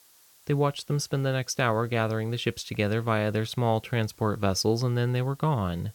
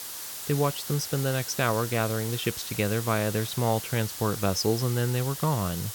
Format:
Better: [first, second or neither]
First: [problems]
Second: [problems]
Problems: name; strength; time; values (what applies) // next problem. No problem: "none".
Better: first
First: hiss; faint; throughout; 30 dB below the speech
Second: hiss; loud; throughout; 7 dB below the speech